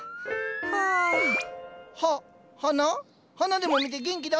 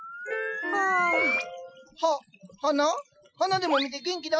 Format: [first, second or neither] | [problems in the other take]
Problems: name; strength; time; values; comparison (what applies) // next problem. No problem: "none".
first | noise reduction (classical method Wiener filter)